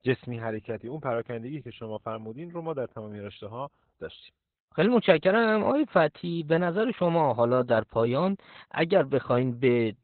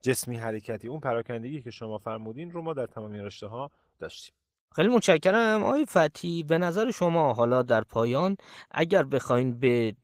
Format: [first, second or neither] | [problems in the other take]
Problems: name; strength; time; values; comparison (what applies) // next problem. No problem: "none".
second | garbled, watery; badly; nothing above 4 kHz; slightly in the second